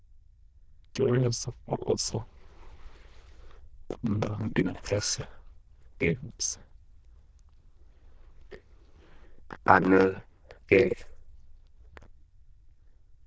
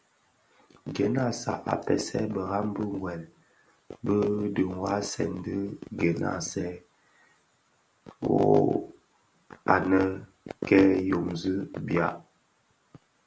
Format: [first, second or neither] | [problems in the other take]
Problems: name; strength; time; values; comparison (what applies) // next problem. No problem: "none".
second | noise reduction (neural diffusion model UNIVERSE++)